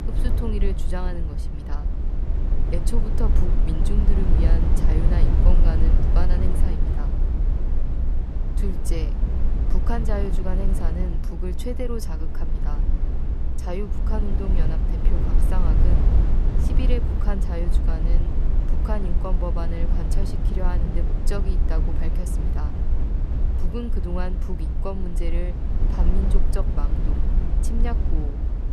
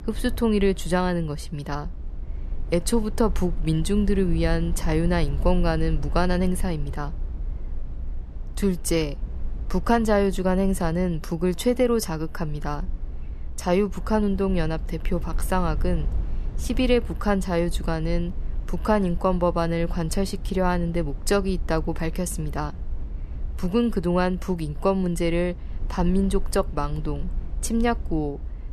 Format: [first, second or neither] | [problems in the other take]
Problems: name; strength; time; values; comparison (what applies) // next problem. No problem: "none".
second | low rumble; loud; throughout; 2 dB below the speech; faint in the second